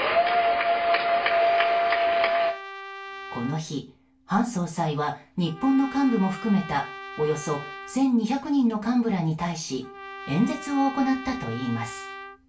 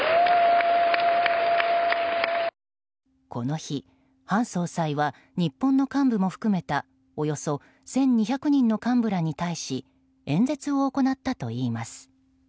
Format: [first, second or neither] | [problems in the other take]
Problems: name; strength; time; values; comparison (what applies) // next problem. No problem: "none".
second | background sound (Trumpet); 15 dB below the speech // room echo; dies away in 0.3 s